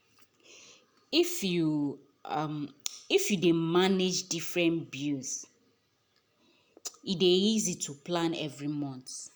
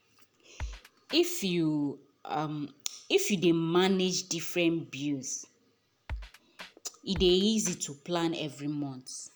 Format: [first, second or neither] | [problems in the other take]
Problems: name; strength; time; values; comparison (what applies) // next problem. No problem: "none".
first | background sound (Drum kit); 13 dB below the speech